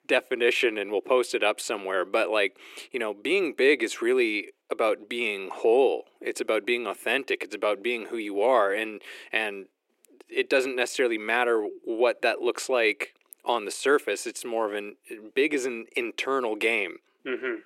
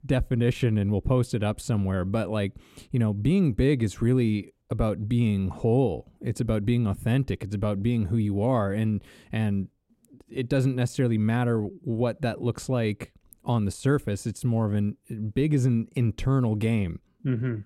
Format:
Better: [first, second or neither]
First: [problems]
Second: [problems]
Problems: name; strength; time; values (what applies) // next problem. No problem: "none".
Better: second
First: thin; very; fading below 350 Hz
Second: none